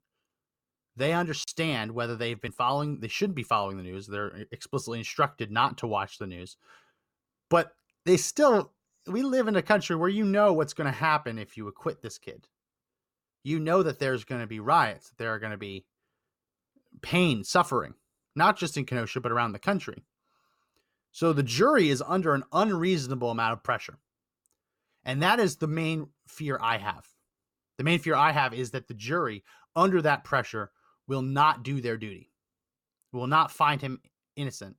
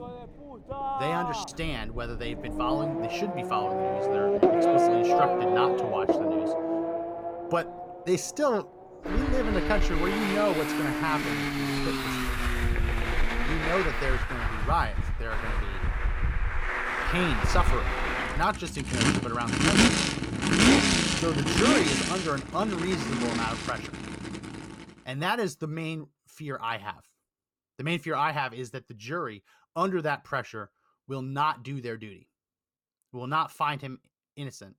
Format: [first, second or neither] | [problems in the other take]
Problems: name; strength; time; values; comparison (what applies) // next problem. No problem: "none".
first | traffic noise; very loud; until 25 s; 4 dB above the speech